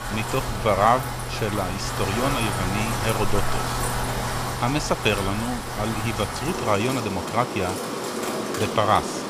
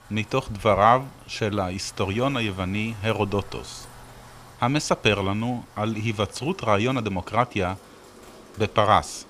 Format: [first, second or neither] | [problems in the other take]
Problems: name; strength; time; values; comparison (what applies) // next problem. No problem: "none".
second | rain or running water; loud; throughout; 3 dB below the speech; faint in the second